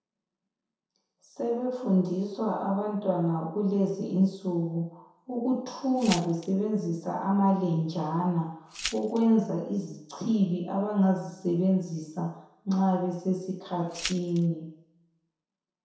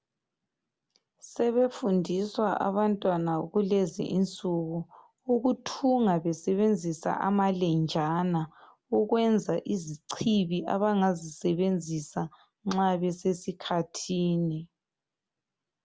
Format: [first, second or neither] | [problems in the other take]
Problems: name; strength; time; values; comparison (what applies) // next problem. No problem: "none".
second | background sound (Glass); 11 dB below the speech // room echo; dies away in 0.7 s